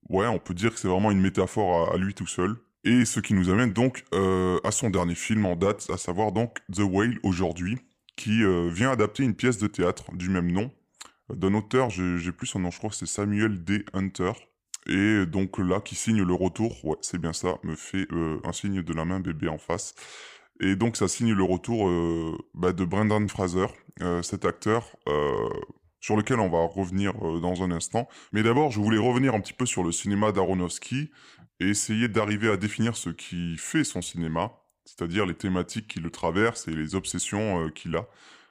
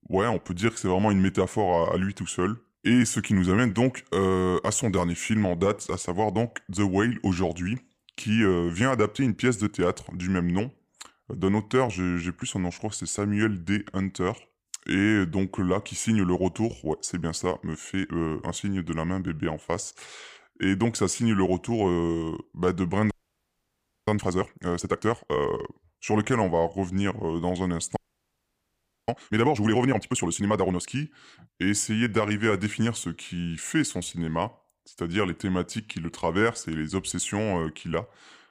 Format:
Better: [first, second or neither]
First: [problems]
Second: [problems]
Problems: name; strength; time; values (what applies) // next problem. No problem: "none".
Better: first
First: none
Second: audio freezing; at 23 s for 1 s and at 28 s for 1 s